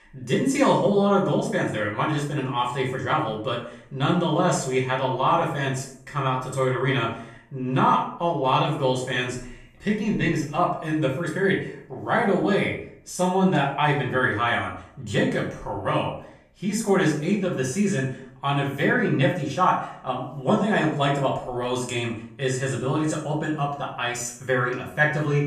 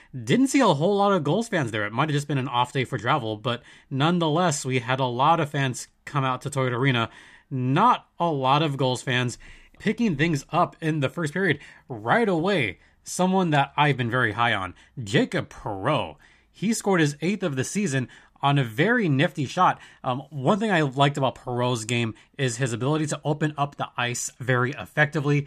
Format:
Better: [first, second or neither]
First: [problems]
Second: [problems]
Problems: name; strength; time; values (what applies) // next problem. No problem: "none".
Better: second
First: room echo; noticeable; dies away in 0.5 s // off-mic speech; far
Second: none